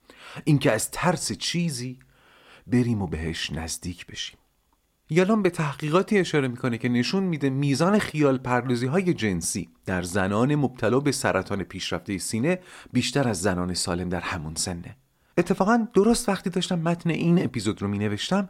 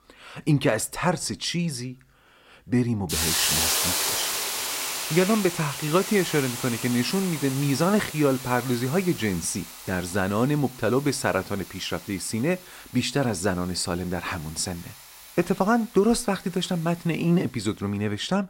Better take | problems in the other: first | hiss; loud; throughout; 2 dB below the speech

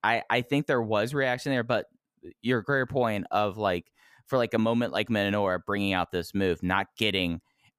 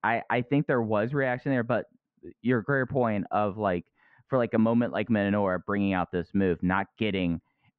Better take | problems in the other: first | muffled; very; fading above 2 kHz

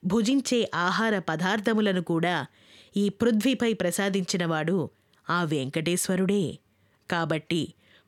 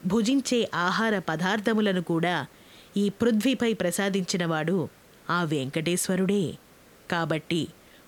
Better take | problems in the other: first | hiss; faint; throughout; 25 dB below the speech

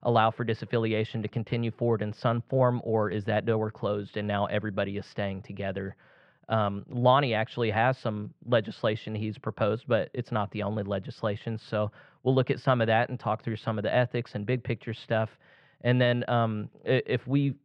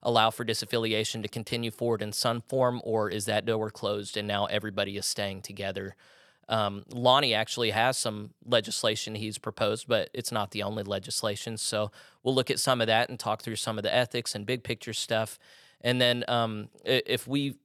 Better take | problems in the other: second | muffled; very; fading above 2.5 kHz

